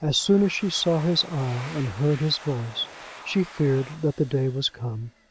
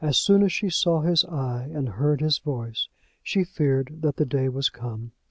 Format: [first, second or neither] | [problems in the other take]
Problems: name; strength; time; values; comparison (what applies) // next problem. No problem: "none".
second | background sound (Domestic sounds, home sounds); 18 dB below the speech